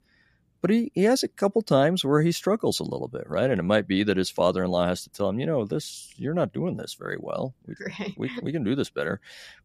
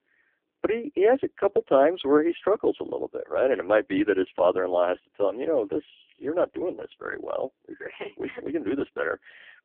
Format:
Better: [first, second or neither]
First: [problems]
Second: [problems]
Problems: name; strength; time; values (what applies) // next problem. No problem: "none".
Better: first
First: none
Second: phone-call audio; poor line; nothing above 3.5 kHz